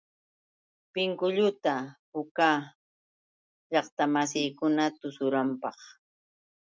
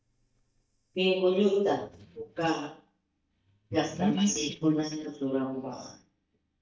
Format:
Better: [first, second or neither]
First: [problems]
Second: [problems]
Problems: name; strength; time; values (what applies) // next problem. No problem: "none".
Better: first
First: none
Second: noise reduction (neural mask model DeepFilterNet 3)